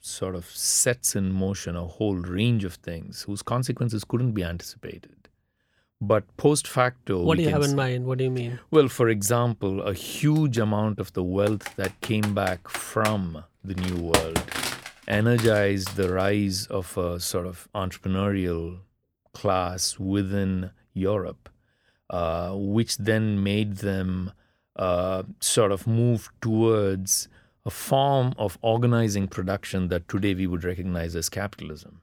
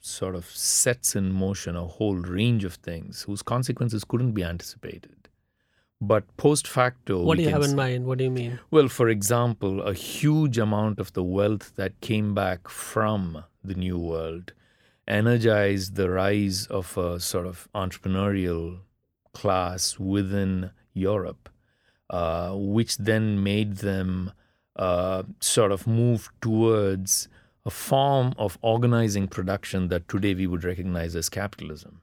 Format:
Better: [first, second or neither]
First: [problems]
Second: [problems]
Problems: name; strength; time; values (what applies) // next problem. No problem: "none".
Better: second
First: keyboard typing; loud; from 11 to 16 s; peak 1 dB above the speech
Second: none